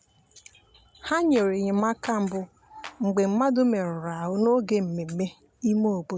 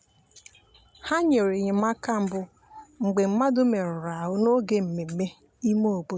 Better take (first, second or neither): second